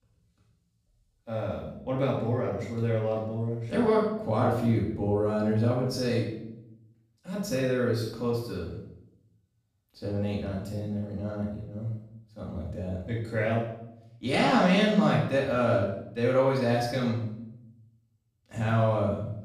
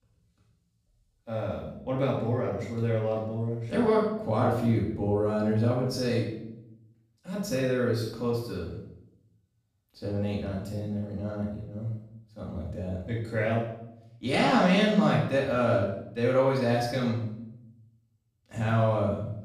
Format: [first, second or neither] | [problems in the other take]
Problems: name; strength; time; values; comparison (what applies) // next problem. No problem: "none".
neither | off-mic speech; far; the same in both // room echo; noticeable; dies away in 0.7 s; the same in both